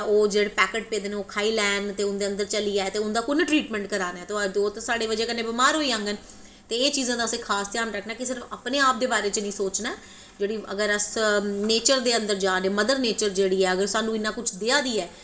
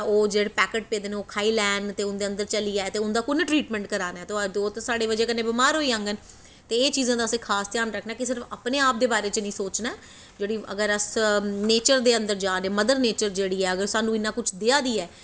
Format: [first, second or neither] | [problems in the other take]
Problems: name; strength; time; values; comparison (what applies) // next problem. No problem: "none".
second | room echo; dies away in 1.4 s